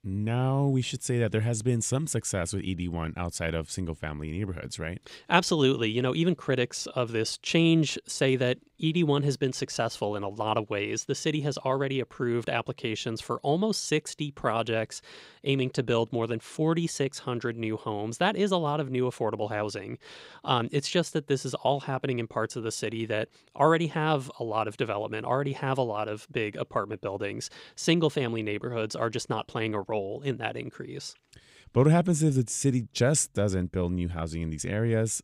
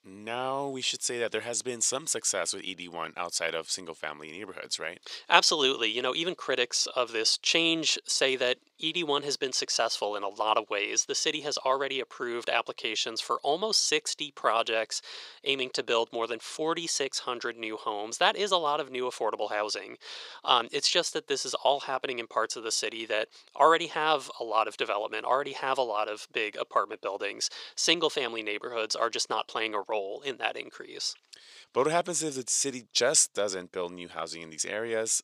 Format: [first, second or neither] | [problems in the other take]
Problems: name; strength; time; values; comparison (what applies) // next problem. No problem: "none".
first | thin; very; fading below 550 Hz